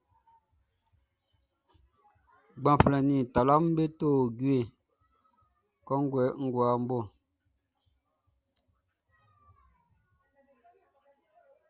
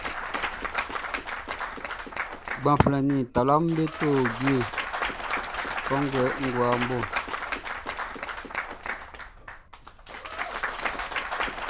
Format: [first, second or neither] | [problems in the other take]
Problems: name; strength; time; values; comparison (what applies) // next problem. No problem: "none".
first | background sound (Applause / Cheering / Clapping); 3 dB below the speech